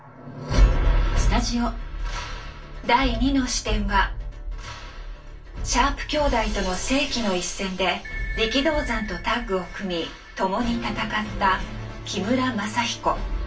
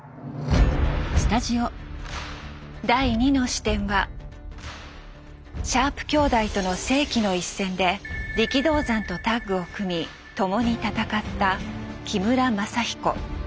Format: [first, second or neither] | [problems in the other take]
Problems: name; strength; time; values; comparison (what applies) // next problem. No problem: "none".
second | room echo; dies away in 0.2 s